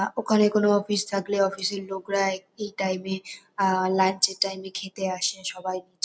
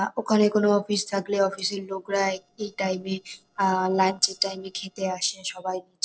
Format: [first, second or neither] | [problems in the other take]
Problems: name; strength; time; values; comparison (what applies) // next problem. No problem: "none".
first | noise reduction (neural separator model SepFormer DNS4)